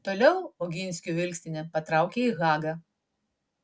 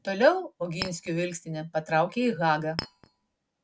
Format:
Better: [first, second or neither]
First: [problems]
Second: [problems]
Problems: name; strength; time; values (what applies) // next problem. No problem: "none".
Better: first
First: none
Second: background sound (Chink, clink); 11 dB below the speech